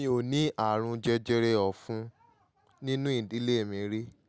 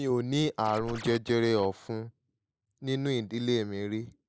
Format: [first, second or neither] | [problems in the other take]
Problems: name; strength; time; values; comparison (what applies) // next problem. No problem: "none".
first | noise reduction (neural mask model Resemble Enhance denoiser)